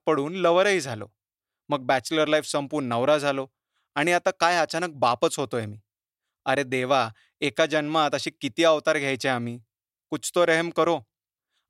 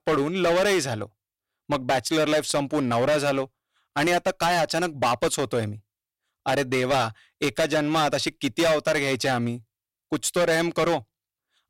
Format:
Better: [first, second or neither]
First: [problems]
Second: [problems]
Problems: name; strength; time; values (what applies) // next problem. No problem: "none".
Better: first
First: none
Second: distortion; heavy; 13% of the sound clipped